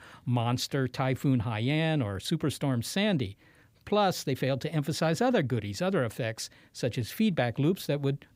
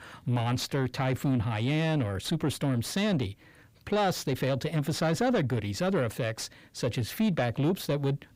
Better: first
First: none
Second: distortion; slight; 10 dB below the speech

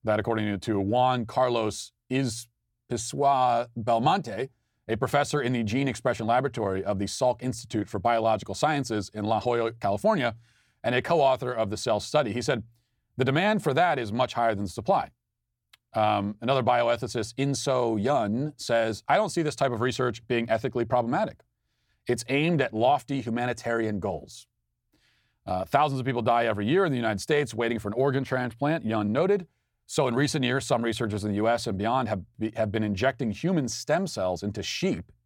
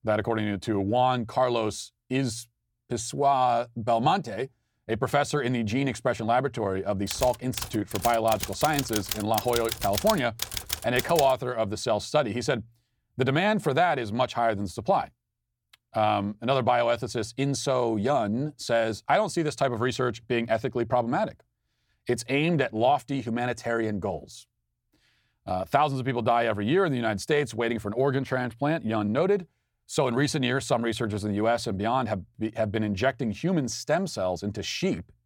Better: first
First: none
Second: keyboard typing; noticeable; from 7 to 11 s; peak 3 dB below the speech

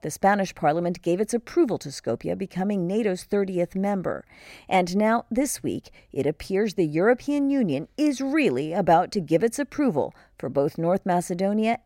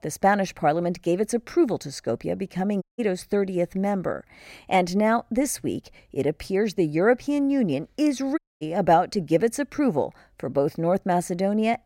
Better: first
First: none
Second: audio cutting out; at 3 s and at 8.5 s

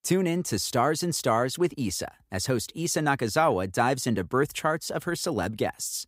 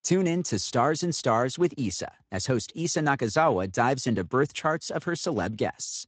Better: first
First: none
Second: garbled, watery; slightly; nothing above 7.5 kHz

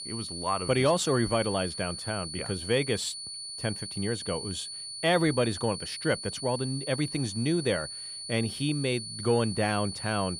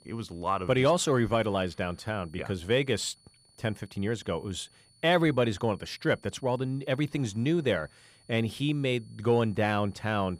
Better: second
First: high-pitched whine; loud; throughout; 4.5 kHz, 7 dB below the speech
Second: high-pitched whine; faint; throughout; 4.5 kHz, 30 dB below the speech

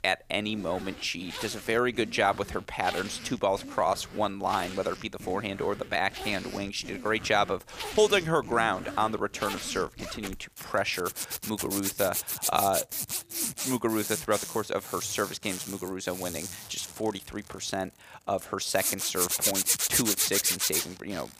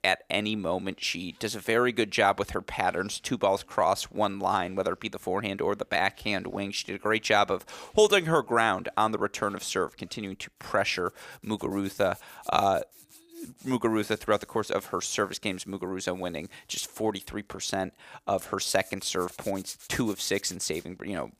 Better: second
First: household noises; loud; throughout; 1 dB below the speech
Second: household noises; faint; throughout; 25 dB below the speech

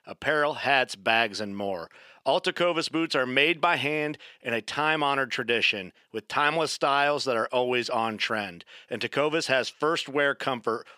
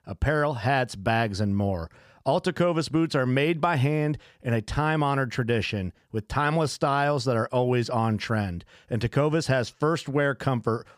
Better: second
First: thin; somewhat; fading below 350 Hz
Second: none

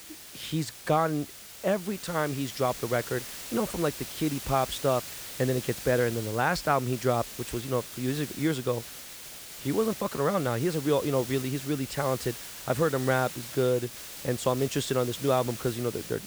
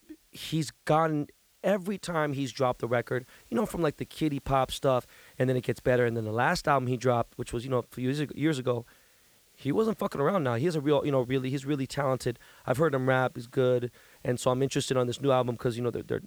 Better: second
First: hiss; loud; throughout; 10 dB below the speech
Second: hiss; faint; throughout; 30 dB below the speech

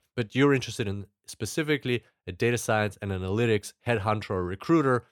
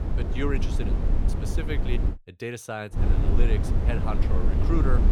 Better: first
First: none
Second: wind noise on the microphone; heavy; until 2 s and from 3 s on; 3 dB below the speech

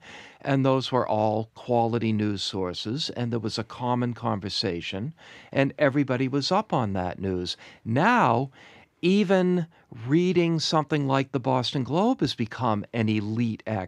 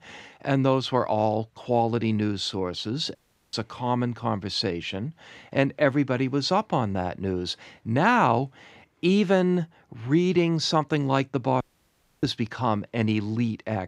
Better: first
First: none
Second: audio cutting out; at 3 s and at 12 s for 0.5 s

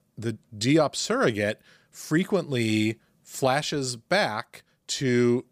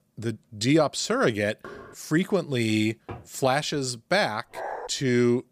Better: first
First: none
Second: door banging; faint; at 1.5 s and at 3 s; peak 15 dB below the speech // dog barking; noticeable; at 4.5 s; peak 9 dB below the speech

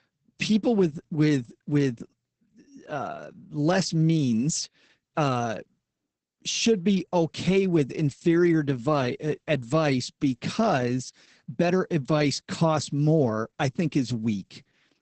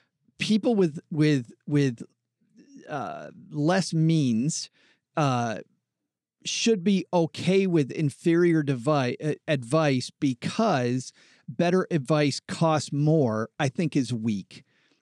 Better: second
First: garbled, watery; badly; nothing above 8 kHz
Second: none

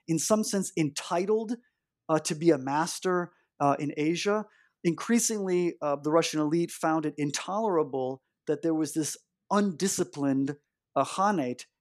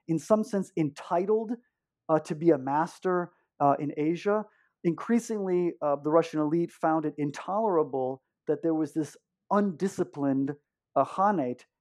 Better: first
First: none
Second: muffled; very; fading above 2.5 kHz

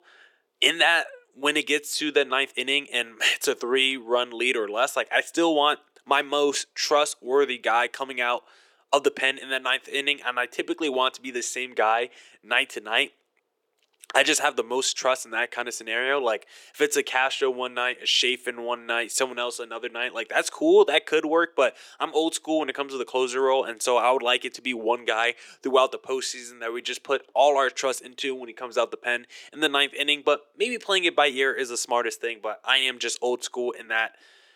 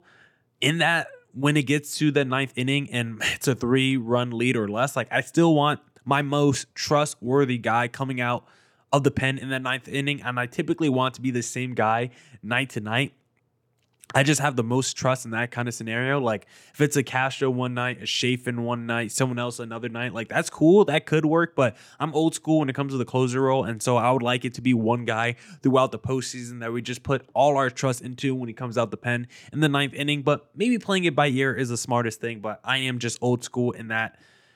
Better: second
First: thin; very; fading below 400 Hz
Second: none

